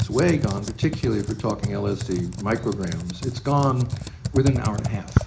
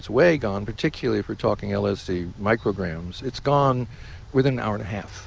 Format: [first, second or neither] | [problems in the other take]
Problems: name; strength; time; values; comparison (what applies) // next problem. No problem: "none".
second | background sound (Computer keyboard); 4 dB below the speech // room echo; dies away in 0.4 s